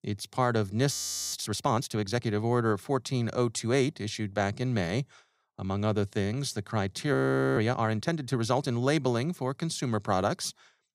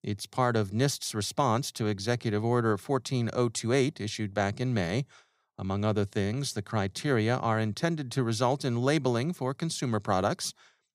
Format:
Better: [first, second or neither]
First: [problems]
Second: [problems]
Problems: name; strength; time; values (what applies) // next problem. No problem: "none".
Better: second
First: audio freezing; at 1 s and at 7 s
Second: none